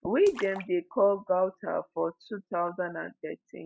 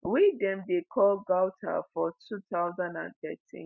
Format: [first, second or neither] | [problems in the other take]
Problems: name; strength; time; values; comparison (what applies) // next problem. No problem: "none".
second | noise reduction (classical method log-MMSE)